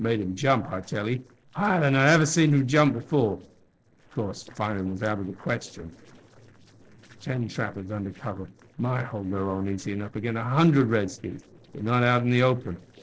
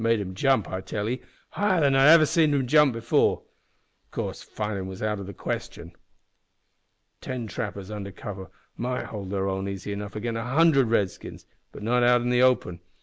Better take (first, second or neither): second